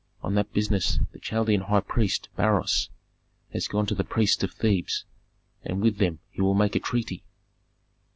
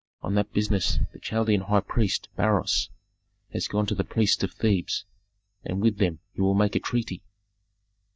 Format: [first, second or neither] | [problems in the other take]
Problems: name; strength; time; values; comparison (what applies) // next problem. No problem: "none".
first | noise reduction (neural mask model DeepFilterNet 3)